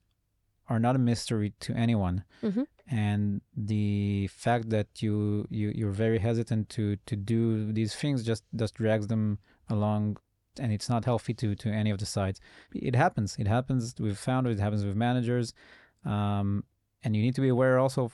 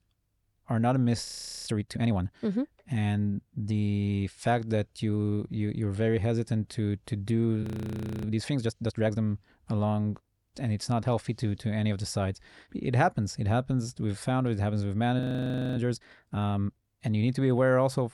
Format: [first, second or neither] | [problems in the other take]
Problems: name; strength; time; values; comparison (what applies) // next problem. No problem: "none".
first | audio freezing; at 1 s, at 7.5 s for 0.5 s and at 15 s for 0.5 s